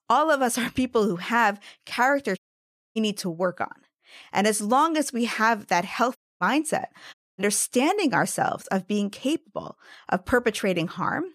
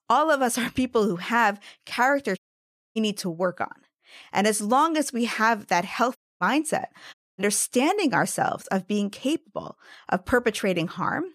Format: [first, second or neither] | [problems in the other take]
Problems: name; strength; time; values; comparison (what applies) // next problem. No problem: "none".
neither | audio cutting out; at 2.5 s for 0.5 s, at 6 s and at 7 s; the same in both